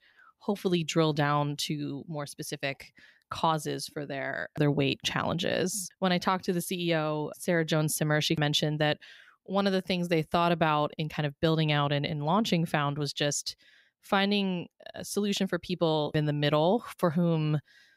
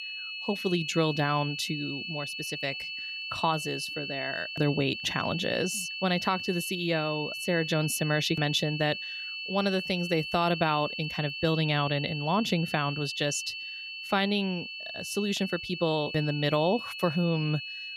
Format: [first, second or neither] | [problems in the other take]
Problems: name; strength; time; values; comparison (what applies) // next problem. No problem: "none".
first | high-pitched whine; loud; throughout; 2.5 kHz, 5 dB below the speech